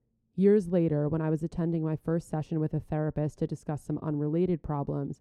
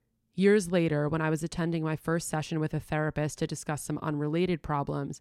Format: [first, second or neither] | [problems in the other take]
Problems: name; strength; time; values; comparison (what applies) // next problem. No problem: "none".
second | muffled; slightly; fading above 1 kHz